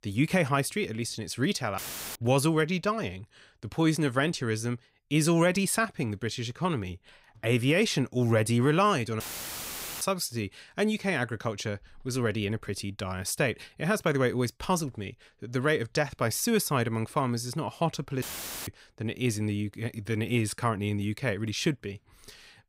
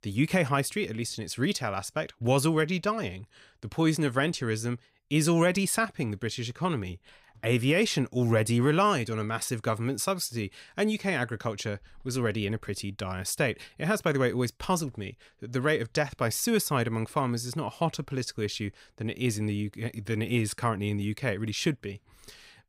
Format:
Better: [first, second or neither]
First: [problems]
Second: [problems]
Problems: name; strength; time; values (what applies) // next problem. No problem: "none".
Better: second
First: audio cutting out; filled with static; at 2 s, at 9 s for 1 s and at 18 s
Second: none